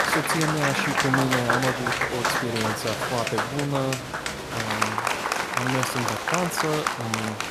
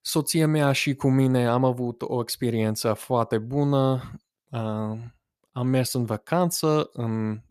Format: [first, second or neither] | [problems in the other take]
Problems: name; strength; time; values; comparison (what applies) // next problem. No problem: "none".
second | crowd noise; very loud; throughout; 3 dB above the speech